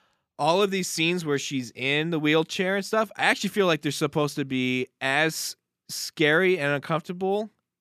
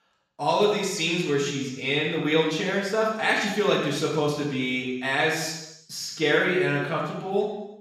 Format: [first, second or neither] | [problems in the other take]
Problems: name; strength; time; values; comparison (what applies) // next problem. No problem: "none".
first | room echo; noticeable; dies away in 0.9 s // off-mic speech; far